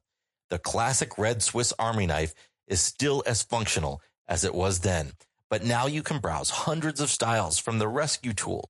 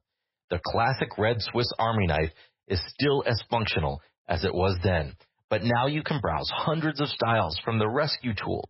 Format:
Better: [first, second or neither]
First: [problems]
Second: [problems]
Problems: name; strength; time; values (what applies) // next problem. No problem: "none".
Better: first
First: garbled, watery; slightly; nothing above 11 kHz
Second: garbled, watery; badly; nothing above 5.5 kHz